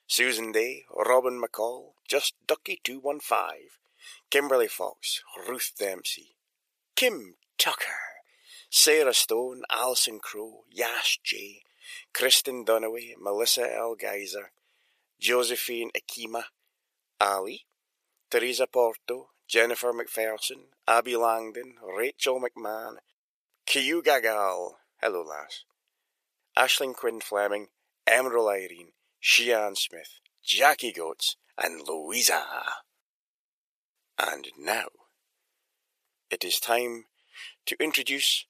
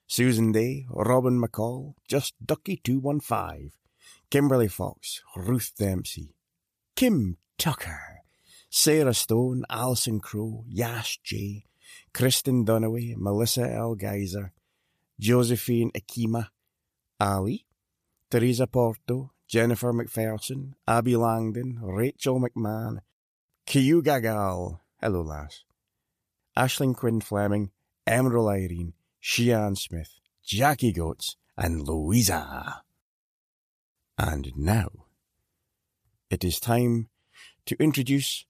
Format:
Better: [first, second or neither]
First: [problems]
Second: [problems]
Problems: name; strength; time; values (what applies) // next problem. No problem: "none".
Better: second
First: thin; very; fading below 450 Hz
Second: none